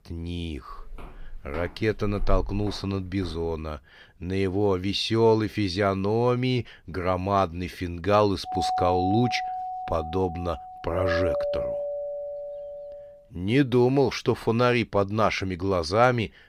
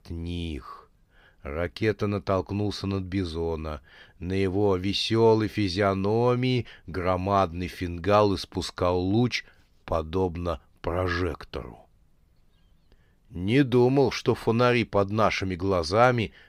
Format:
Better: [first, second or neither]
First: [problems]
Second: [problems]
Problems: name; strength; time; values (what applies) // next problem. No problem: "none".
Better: second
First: footsteps; noticeable; from 1 to 3.5 s; peak 8 dB below the speech // doorbell; noticeable; from 8.5 to 13 s; peak 1 dB below the speech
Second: none